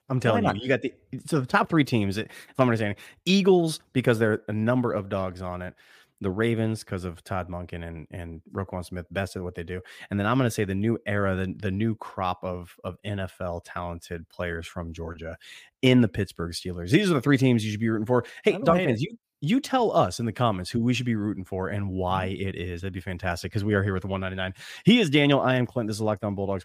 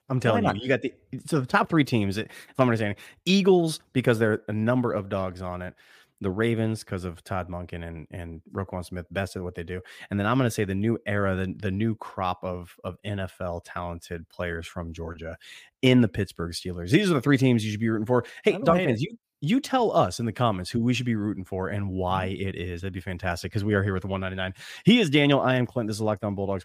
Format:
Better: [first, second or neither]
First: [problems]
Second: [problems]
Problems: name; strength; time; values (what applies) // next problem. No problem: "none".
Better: neither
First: none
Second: none